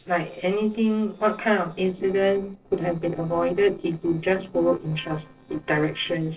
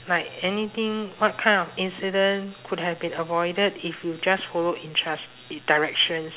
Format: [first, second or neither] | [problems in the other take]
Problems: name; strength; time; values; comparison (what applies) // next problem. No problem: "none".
second | noise reduction (neural separator model SepFormer DNS4)